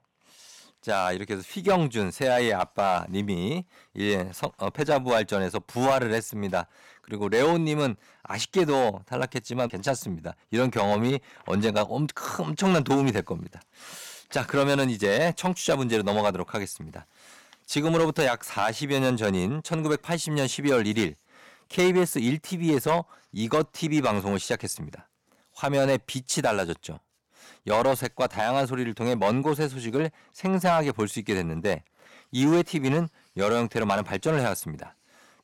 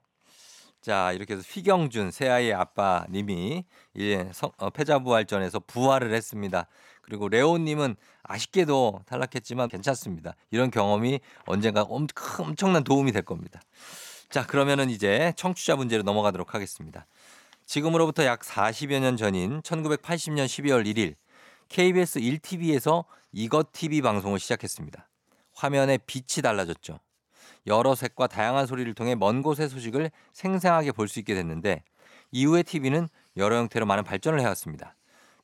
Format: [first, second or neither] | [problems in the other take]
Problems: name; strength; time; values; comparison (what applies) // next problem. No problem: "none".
second | distortion; slight; 3% of the sound clipped